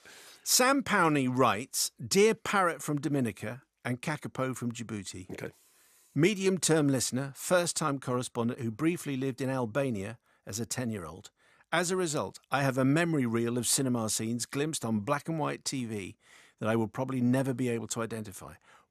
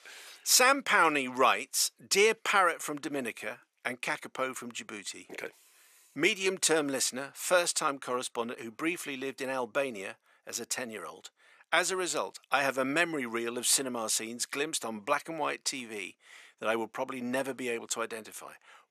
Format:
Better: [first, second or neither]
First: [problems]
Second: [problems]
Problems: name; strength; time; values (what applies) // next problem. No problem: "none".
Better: first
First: none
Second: thin; somewhat; fading below 450 Hz